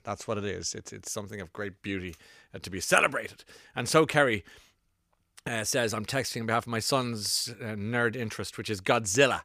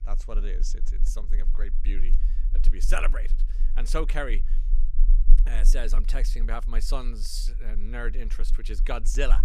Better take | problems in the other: first | low rumble; noticeable; throughout; 20 dB below the speech

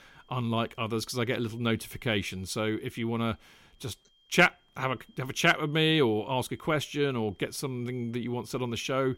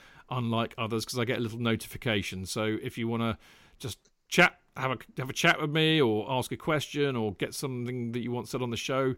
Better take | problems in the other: second | high-pitched whine; faint; throughout; 3 kHz, 35 dB below the speech

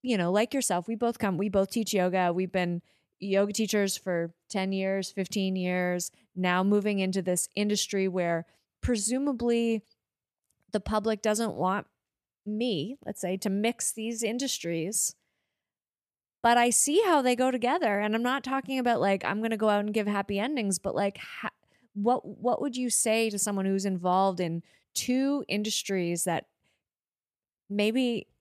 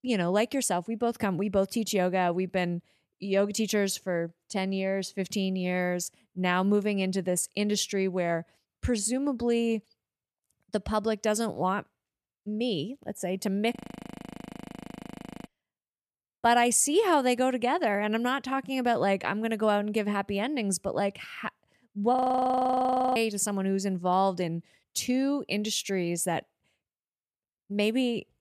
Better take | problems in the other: first | audio freezing; at 14 s for 1.5 s and at 22 s for 1 s

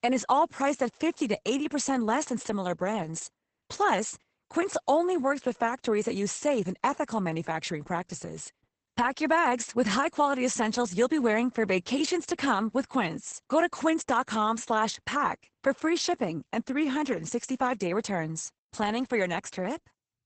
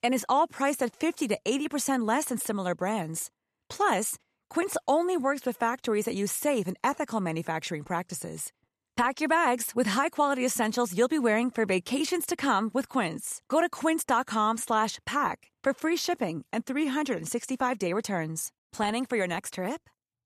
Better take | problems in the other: second | garbled, watery; badly; nothing above 8 kHz

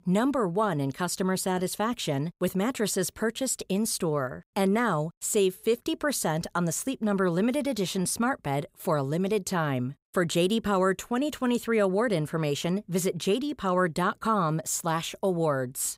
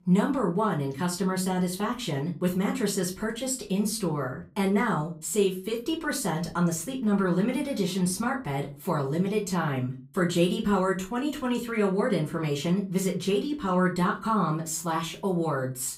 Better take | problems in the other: first | off-mic speech; far // room echo; very slight; dies away in 0.3 s

